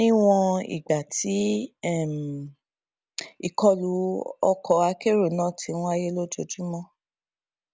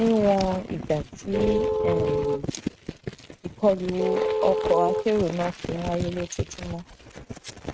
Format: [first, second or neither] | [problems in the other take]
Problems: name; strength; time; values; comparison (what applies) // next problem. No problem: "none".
first | noise reduction (neural mask model RNNoise)